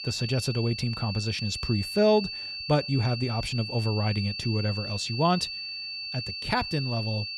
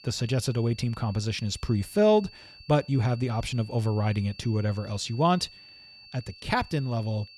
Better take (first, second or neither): second